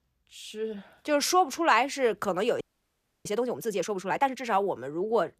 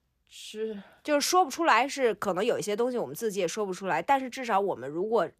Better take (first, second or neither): second